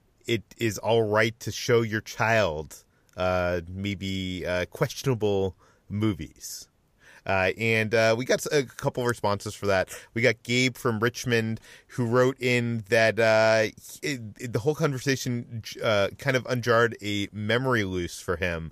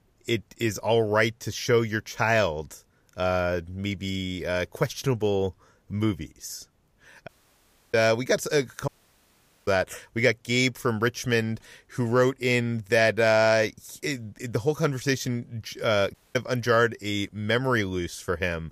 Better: first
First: none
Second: audio cutting out; at 7.5 s for 0.5 s, at 9 s for 1 s and at 16 s

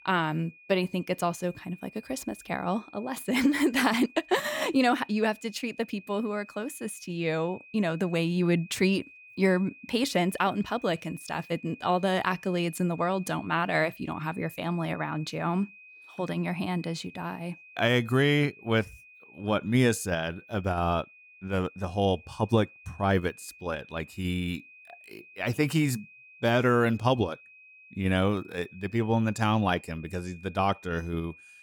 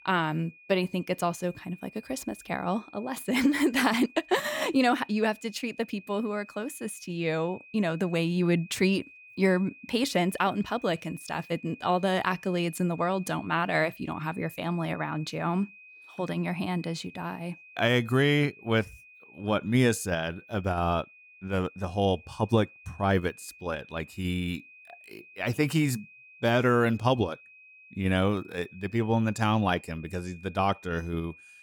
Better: neither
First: high-pitched whine; faint; throughout; 2.5 kHz, 20 dB below the speech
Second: high-pitched whine; faint; throughout; 2.5 kHz, 20 dB below the speech

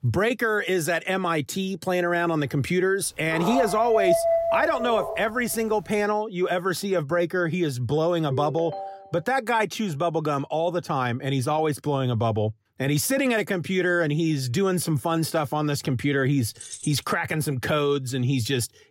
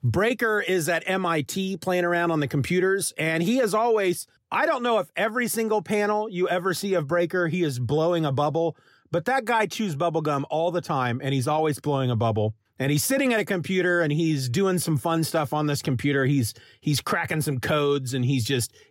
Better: second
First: dog barking; loud; from 3.5 to 5.5 s; peak 3 dB above the speech // phone ringing; faint; at 8.5 s; peak 10 dB below the speech // jangling keys; faint; at 17 s; peak 10 dB below the speech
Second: none

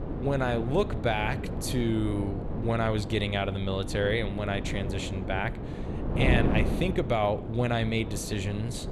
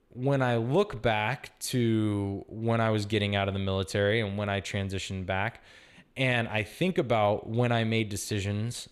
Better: second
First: wind noise on the microphone; heavy; 8 dB below the speech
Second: none

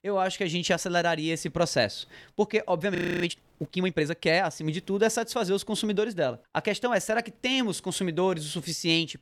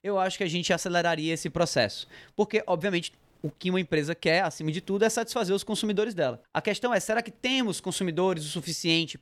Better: second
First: audio freezing; at 3 s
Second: none

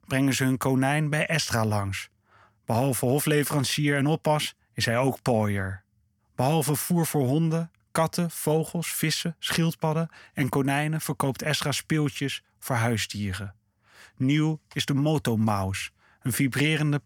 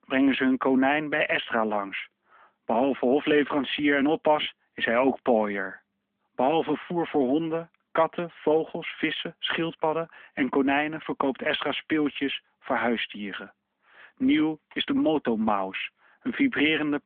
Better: first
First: none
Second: phone-call audio; nothing above 3.5 kHz

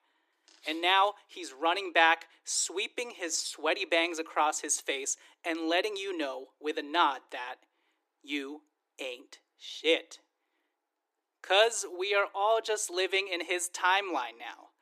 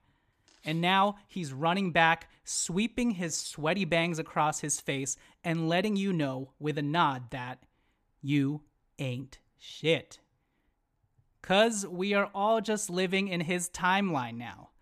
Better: second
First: thin; very; fading below 300 Hz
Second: none

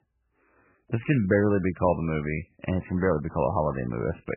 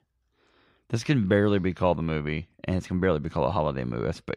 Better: second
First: garbled, watery; badly; nothing above 3 kHz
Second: none

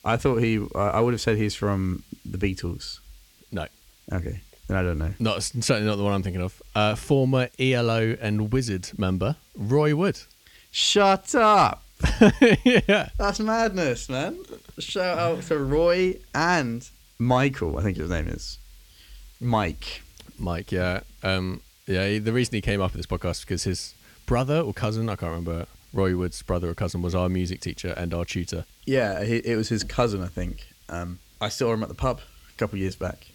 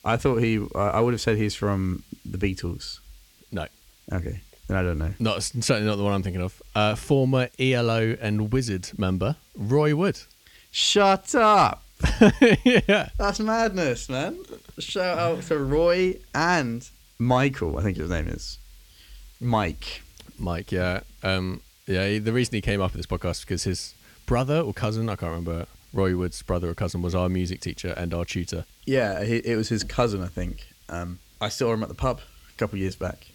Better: neither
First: hiss; faint; throughout; 30 dB below the speech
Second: hiss; faint; throughout; 30 dB below the speech

